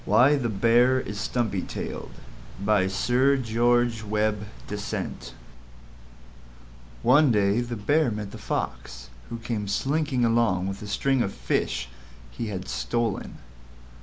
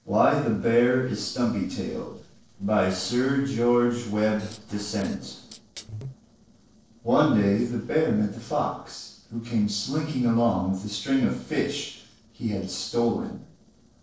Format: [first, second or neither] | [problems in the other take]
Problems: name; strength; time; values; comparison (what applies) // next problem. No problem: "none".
first | noise reduction (neural separator model SepFormer DNS4)